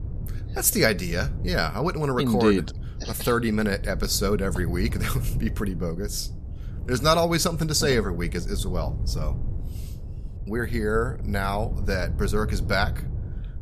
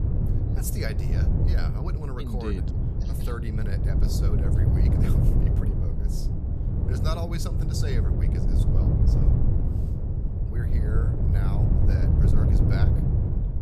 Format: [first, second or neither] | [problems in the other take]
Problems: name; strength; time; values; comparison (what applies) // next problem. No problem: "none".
first | wind noise on the microphone; heavy; 2 dB above the speech; occasional gusts in the first